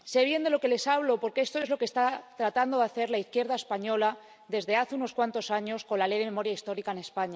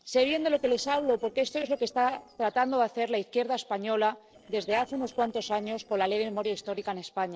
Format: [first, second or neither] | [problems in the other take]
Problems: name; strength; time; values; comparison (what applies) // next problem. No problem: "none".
first | noise reduction (neural separator model SepFormer DNS4)